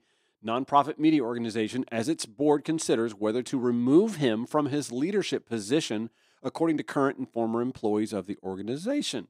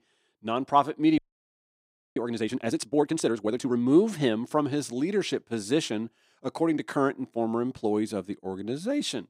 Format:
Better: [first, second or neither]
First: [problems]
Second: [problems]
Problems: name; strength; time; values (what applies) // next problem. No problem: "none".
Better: first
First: none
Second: audio freezing; at 1 s for 1 s